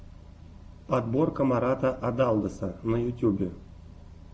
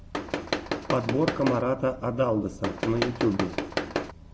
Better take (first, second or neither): first